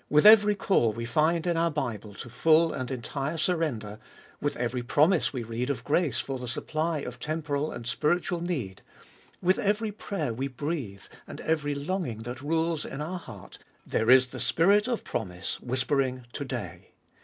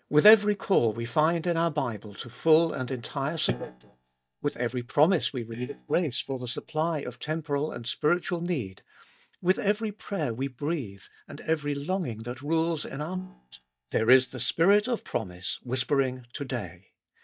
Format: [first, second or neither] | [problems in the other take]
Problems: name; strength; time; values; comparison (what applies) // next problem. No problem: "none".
first | noise reduction (neural mask model DeepFilterNet 3)